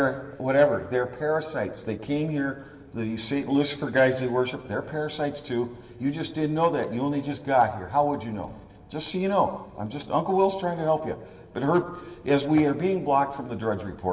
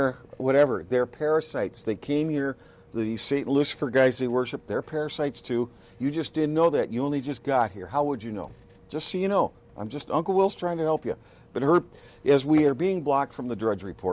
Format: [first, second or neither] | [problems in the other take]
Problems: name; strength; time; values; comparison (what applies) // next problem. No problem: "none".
second | room echo; dies away in 2.6 s